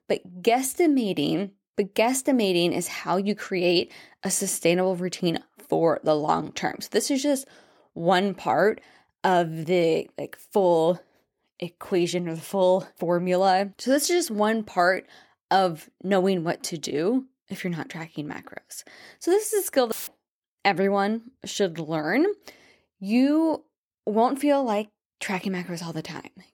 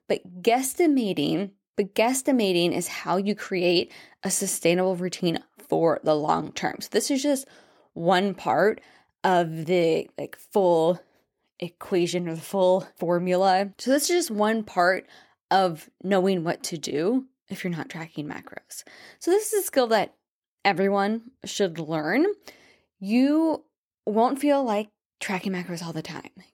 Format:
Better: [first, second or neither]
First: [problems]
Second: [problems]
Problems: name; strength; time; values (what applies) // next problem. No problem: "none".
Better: second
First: audio cutting out; filled with static; at 20 s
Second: none